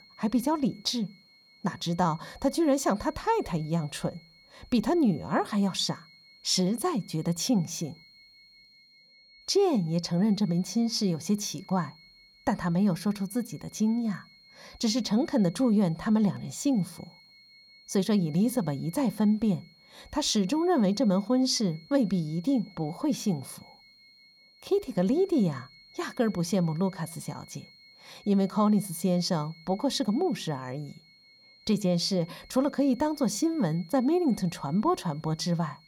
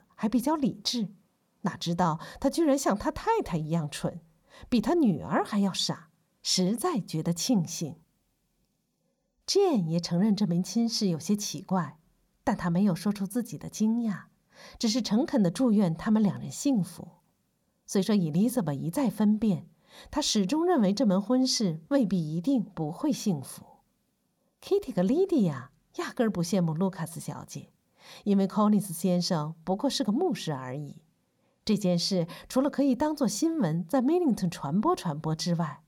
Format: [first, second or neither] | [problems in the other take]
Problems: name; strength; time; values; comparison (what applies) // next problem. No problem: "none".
second | high-pitched whine; faint; throughout; 4.5 kHz, 25 dB below the speech